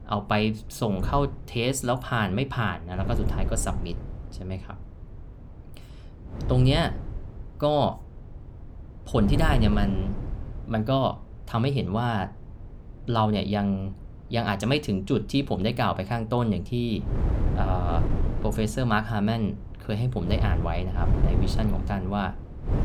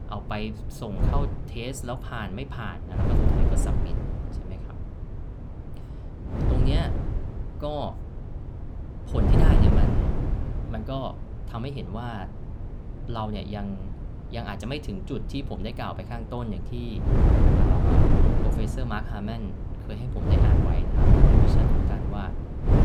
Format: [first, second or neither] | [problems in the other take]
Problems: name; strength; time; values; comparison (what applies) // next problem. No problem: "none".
first | wind noise on the microphone; heavy; 3 dB above the speech; occasional gusts in the first